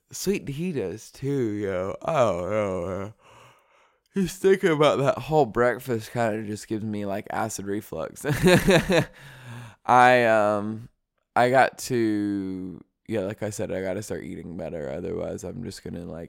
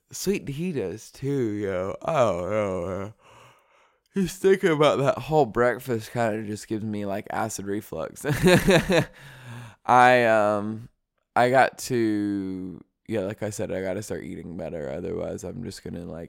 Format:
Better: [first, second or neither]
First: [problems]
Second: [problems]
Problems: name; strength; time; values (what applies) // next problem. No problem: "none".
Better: neither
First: none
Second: none